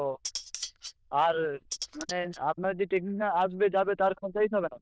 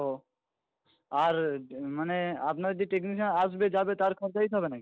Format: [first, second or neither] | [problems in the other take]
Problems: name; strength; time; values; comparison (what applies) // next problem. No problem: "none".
second | noise reduction (neural diffusion model UNIVERSE++)